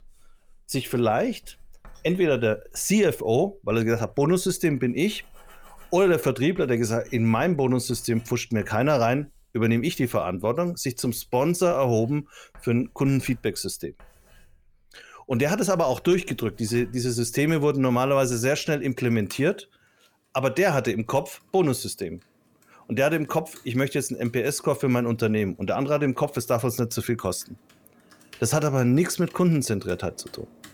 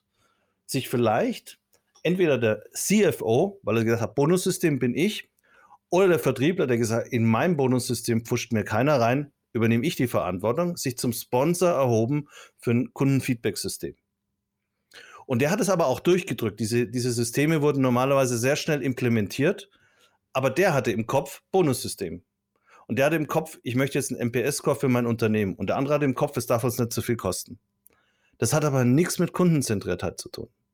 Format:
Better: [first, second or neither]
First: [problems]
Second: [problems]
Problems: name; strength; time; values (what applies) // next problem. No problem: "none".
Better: second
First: household noises; faint; throughout; 30 dB below the speech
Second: none